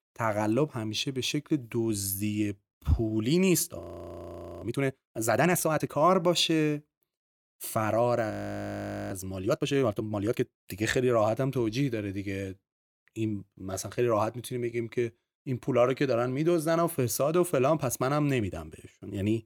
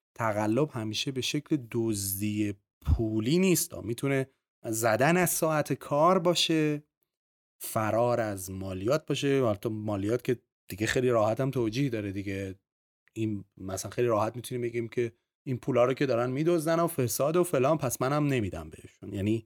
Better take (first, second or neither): second